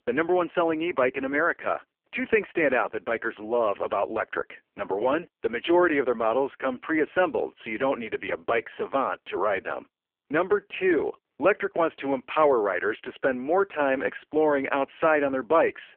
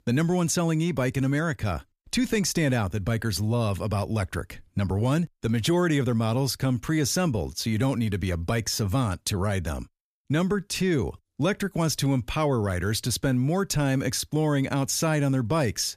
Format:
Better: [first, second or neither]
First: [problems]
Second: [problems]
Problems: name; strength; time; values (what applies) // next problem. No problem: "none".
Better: second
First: phone-call audio; poor line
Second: none